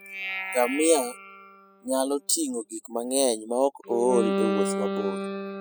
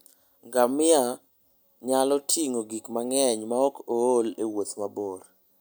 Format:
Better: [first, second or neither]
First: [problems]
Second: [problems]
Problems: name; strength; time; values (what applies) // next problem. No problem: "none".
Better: second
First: noise reduction (classical method spectral subtraction)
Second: none